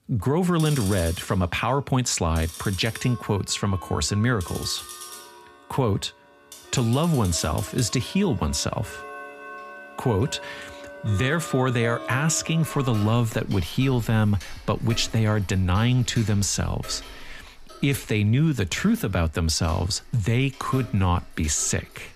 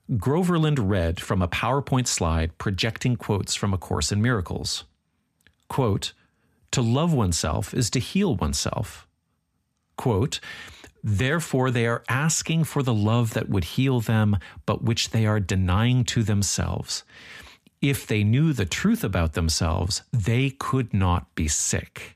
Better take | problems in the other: second | household noises; noticeable; throughout; 15 dB below the speech

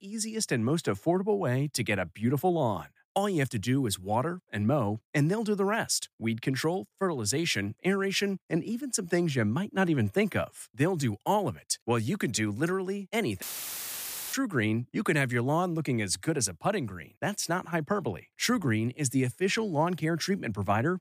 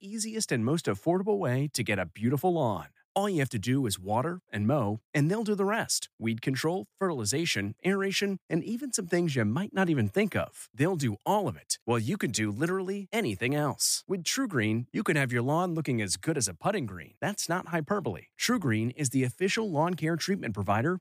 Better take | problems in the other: second | audio cutting out; filled with static; at 13 s for 1 s

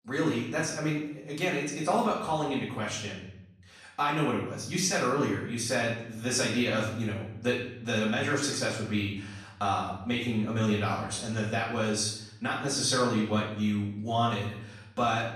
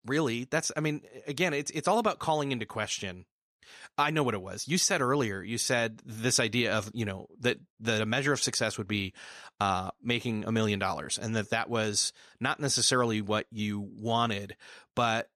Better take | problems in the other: second | off-mic speech; far // room echo; noticeable; dies away in 0.8 s

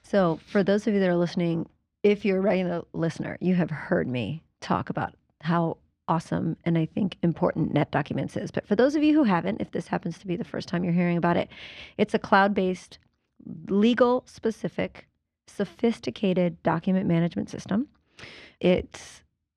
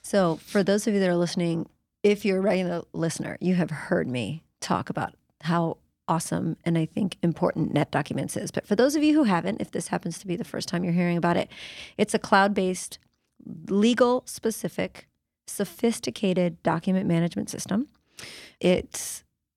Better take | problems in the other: second | muffled; slightly; fading above 3.5 kHz

